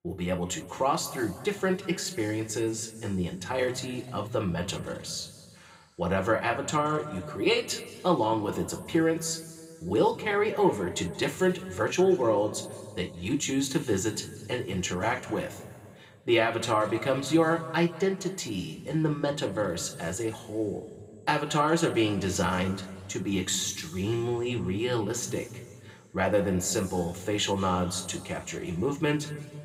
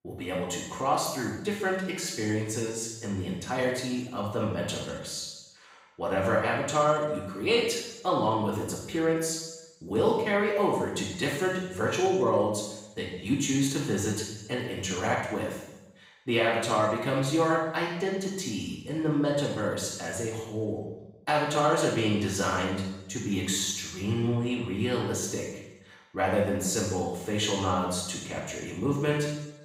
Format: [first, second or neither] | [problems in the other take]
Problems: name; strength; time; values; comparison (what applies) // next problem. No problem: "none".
first | room echo; strong; dies away in 0.8 s; slight in the first // off-mic speech; far; somewhat distant in the first